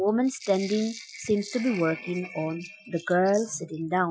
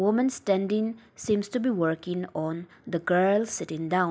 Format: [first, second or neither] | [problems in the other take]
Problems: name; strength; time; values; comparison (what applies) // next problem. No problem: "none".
second | noise reduction (classical method Wiener filter)